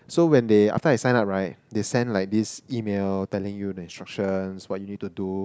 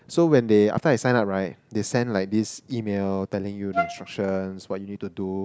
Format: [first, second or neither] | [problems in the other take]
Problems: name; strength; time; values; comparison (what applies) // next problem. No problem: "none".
first | background sound (Wind instrument, woodwind instrument); 5 dB below the speech